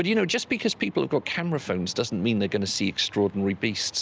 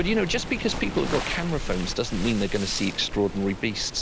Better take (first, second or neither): first